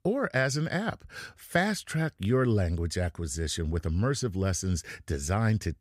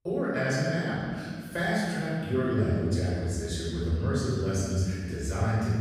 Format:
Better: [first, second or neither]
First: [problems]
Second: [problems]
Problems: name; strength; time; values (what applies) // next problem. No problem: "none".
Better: first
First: none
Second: room echo; strong; dies away in 1.9 s // off-mic speech; far